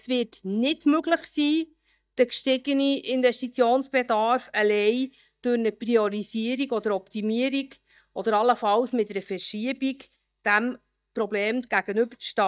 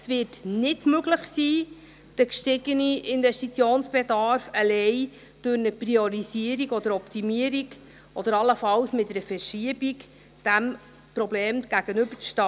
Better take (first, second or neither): second